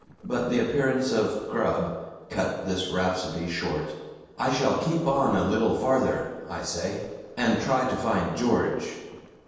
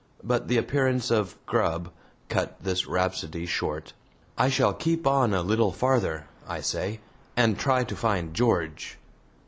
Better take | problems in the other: second | noise reduction (neural separator model SepFormer DNS4)

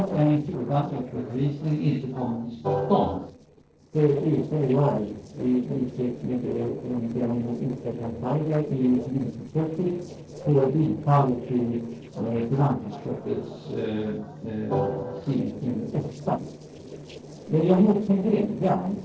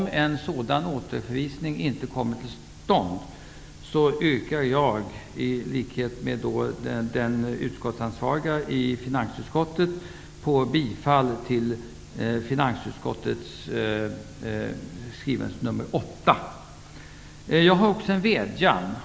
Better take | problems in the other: second | noise reduction (neural separator model SepFormer DNS4)

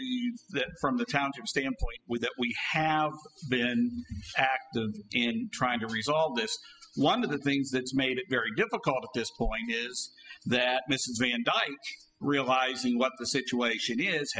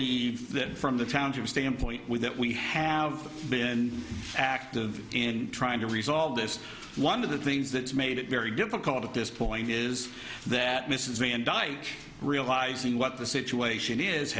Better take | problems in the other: second | noise reduction (classical method spectral subtraction)

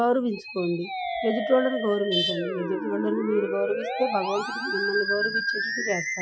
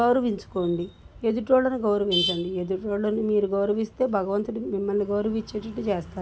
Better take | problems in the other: second | noise reduction (classical method Wiener filter)

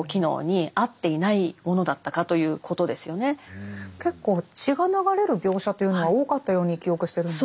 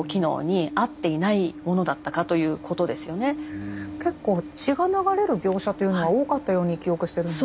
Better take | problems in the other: first | background sound (Train); 15 dB below the speech

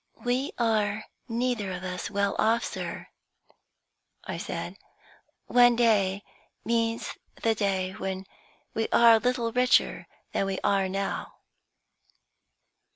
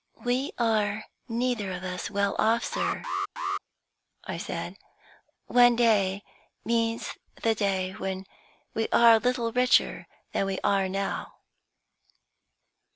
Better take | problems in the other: first | background sound (Alarm); 5 dB below the speech

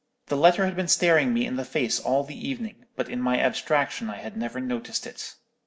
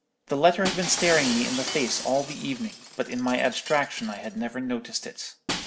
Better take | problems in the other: first | background sound (Shatter); 8 dB below the speech

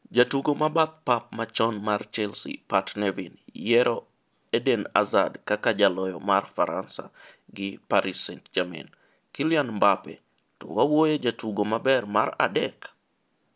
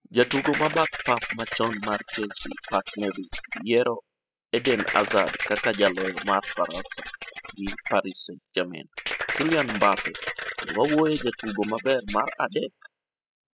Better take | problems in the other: first | noise reduction (classical method spectral subtraction)

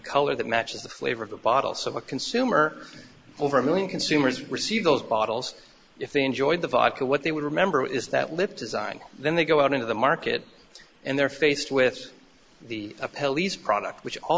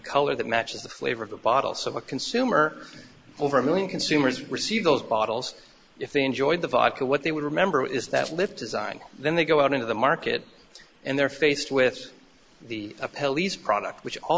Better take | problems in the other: first | background sound (Rattle (instrument)); 18 dB below the speech

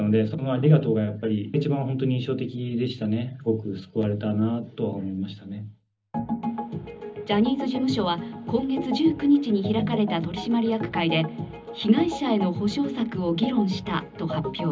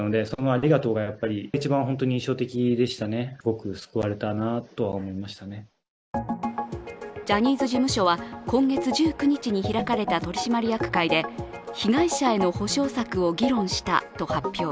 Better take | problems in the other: second | room echo; dies away in 0.4 s

